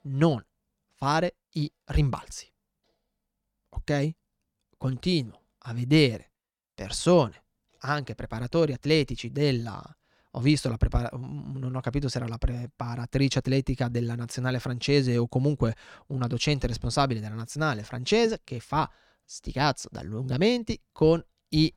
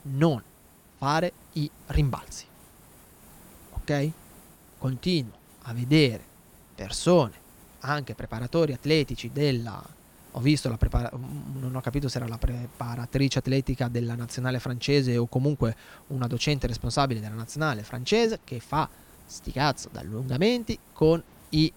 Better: first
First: none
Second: hiss; faint; throughout; 25 dB below the speech

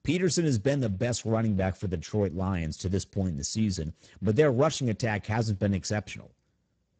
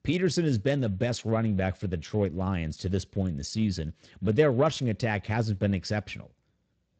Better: second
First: garbled, watery; badly; nothing above 8 kHz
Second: garbled, watery; slightly; nothing above 8 kHz

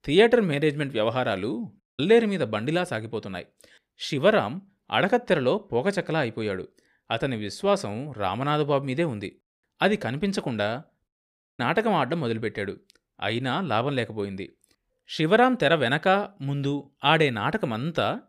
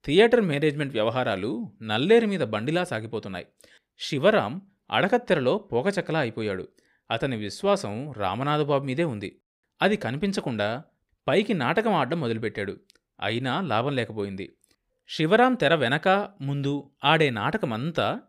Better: second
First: audio cutting out; at 2 s and at 11 s for 0.5 s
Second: none

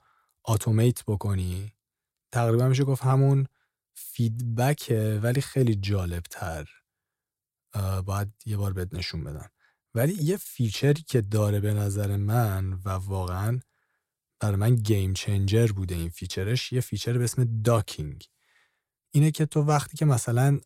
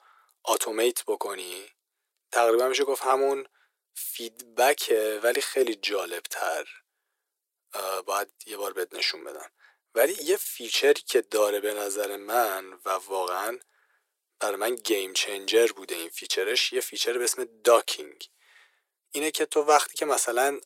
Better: first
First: none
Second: thin; very; fading below 400 Hz

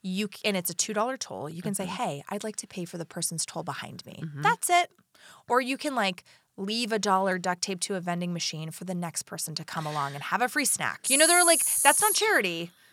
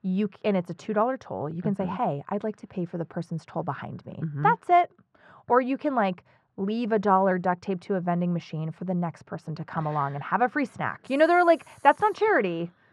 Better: first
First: none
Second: muffled; very; fading above 1 kHz

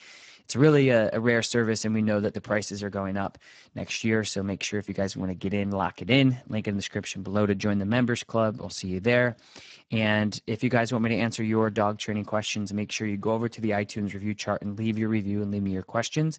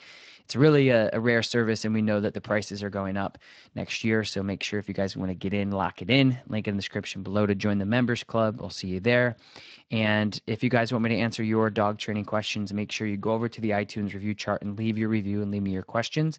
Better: second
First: garbled, watery; badly; nothing above 8 kHz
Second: garbled, watery; slightly; nothing above 7.5 kHz

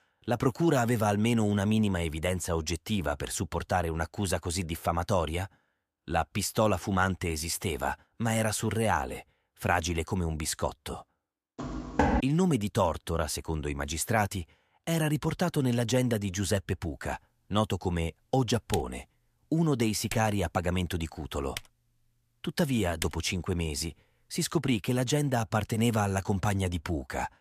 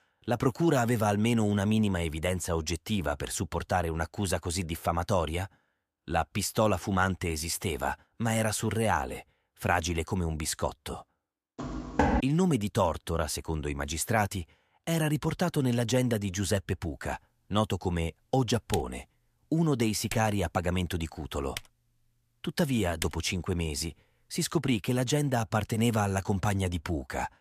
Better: neither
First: footsteps; loud; at 12 s; peak 2 dB above the speech // keyboard typing; noticeable; from 19 to 23 s; peak 9 dB below the speech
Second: footsteps; loud; at 12 s; peak 2 dB above the speech // keyboard typing; noticeable; from 19 to 23 s; peak 9 dB below the speech

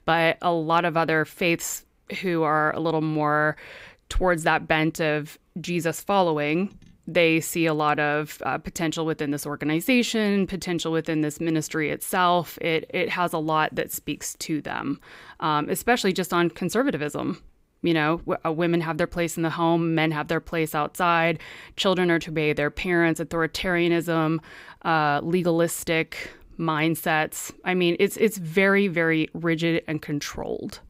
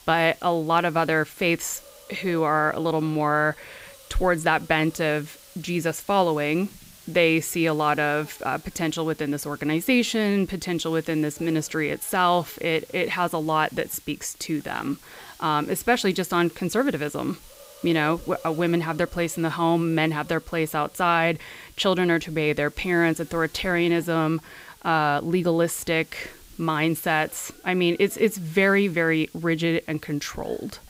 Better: first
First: none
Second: hiss; faint; throughout; 25 dB below the speech

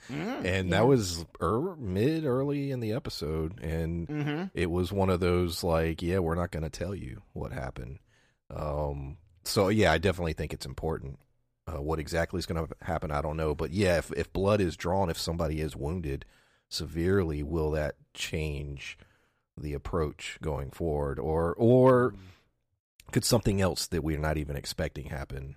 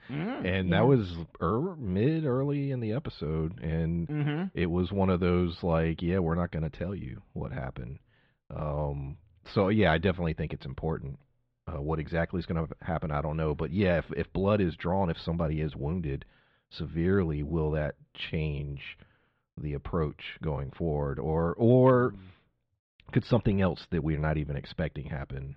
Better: first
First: none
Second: muffled; slightly; fading above 3.5 kHz

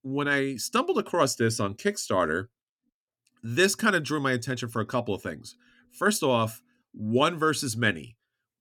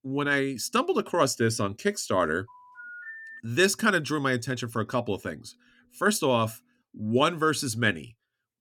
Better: first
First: none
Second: phone ringing; faint; at 2.5 s; peak 15 dB below the speech

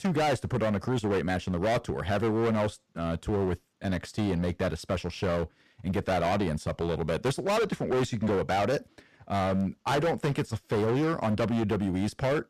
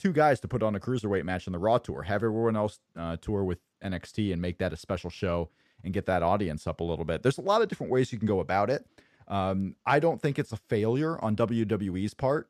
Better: second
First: distortion; heavy; 20% of the sound clipped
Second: none

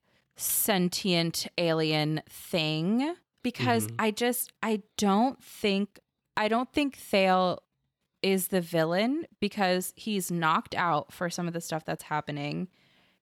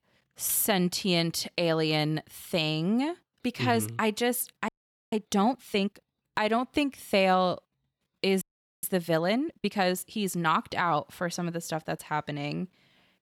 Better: first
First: none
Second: audio freezing; at 4.5 s and at 8.5 s

